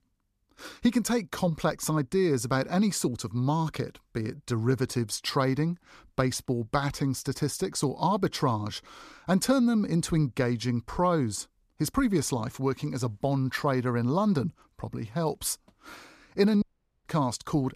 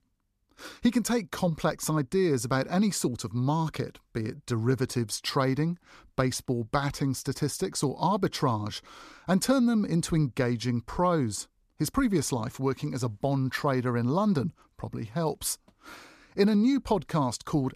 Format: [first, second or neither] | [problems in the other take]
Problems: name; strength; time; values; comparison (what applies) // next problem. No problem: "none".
second | audio cutting out; at 17 s